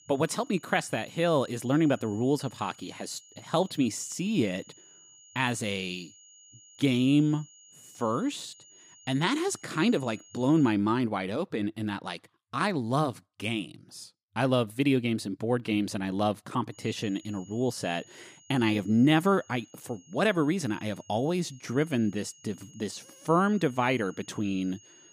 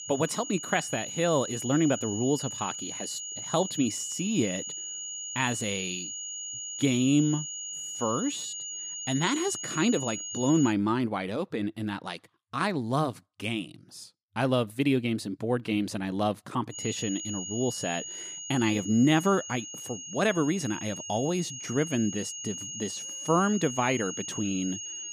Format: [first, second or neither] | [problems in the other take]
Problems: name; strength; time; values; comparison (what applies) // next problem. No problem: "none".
first | high-pitched whine; loud; until 11 s and from 17 s on; 7 kHz, 6 dB below the speech; faint in the first